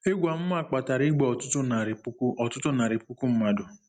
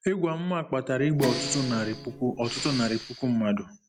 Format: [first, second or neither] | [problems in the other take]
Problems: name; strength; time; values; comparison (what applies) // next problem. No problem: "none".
first | background sound (Respiratory sounds + Guitar); 8 dB below the speech